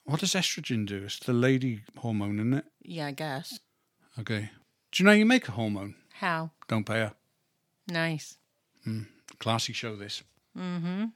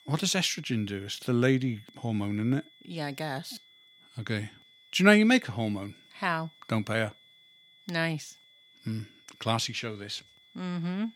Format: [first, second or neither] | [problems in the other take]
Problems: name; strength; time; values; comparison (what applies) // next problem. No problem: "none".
first | high-pitched whine; faint; throughout; 3.5 kHz, 25 dB below the speech